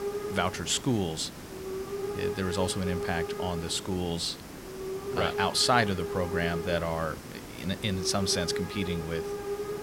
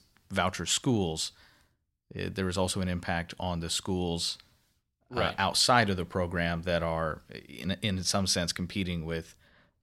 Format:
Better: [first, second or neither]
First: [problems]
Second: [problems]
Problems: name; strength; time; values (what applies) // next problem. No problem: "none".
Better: second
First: hiss; loud; throughout; 6 dB below the speech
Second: none